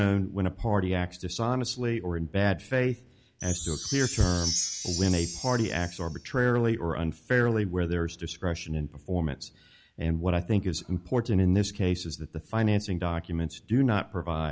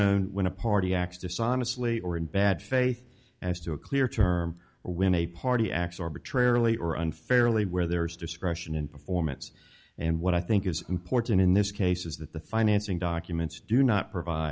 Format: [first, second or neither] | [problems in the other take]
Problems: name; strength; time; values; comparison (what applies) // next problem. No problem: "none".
second | background sound (Chime); 8 dB below the speech